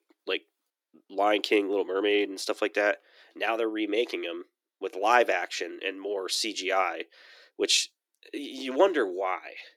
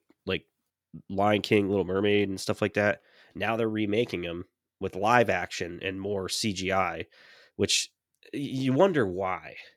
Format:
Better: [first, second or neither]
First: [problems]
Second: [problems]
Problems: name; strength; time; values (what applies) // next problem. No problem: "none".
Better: second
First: thin; somewhat; fading below 300 Hz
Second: none